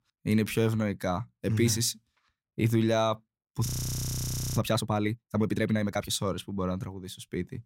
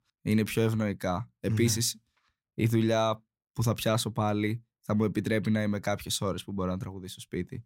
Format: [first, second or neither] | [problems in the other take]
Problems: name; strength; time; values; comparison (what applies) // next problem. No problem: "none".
second | audio freezing; at 3.5 s for 1 s